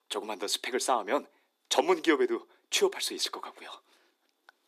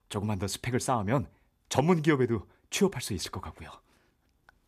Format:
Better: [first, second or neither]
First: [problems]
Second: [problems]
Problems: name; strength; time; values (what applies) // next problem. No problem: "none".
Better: second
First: thin; very; fading below 300 Hz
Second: none